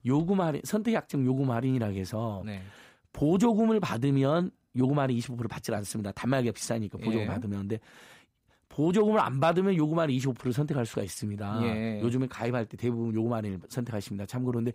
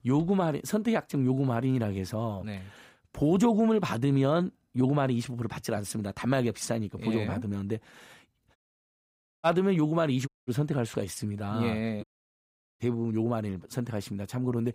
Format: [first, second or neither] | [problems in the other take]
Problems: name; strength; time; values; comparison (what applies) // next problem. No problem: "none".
first | audio cutting out; at 8.5 s for 1 s, at 10 s and at 12 s for 1 s